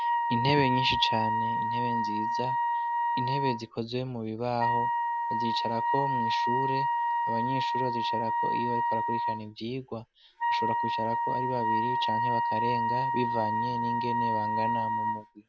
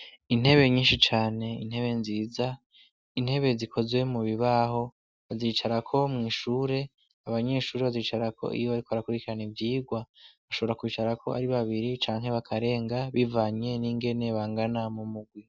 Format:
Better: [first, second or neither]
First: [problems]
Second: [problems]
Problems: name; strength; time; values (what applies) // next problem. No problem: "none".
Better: second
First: background sound (Wind instrument, woodwind instrument); 5 dB above the speech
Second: none